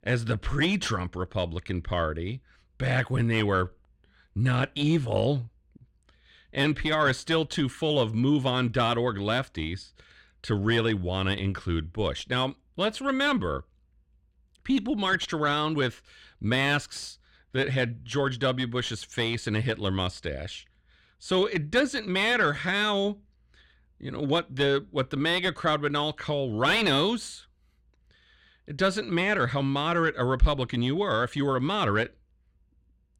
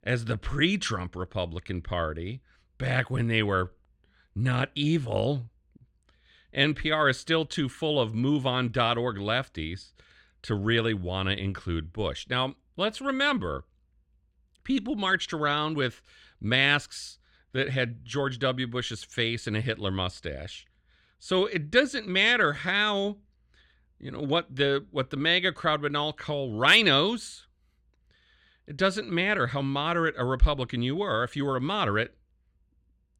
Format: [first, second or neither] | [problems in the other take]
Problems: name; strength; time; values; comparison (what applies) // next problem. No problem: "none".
second | distortion; slight; 10 dB below the speech